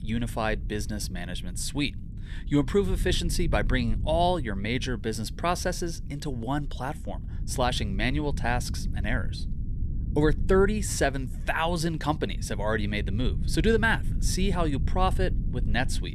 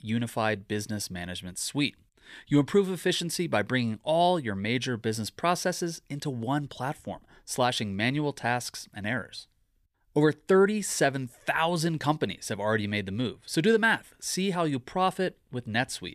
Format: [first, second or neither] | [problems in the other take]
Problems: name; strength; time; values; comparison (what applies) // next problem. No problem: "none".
second | low rumble; noticeable; throughout; 20 dB below the speech